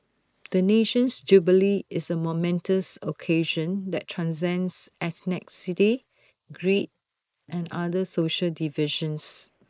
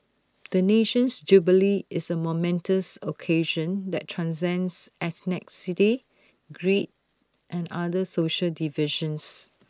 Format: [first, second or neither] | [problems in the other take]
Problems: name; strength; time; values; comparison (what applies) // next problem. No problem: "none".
second | noise reduction (neural mask model Resemble Enhance denoiser)